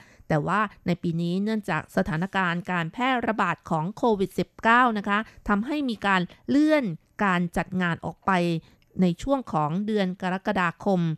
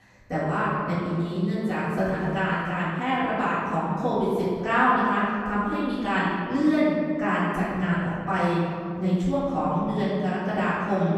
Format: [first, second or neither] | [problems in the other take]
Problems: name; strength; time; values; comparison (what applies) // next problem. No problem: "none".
first | room echo; strong; dies away in 2.3 s // off-mic speech; far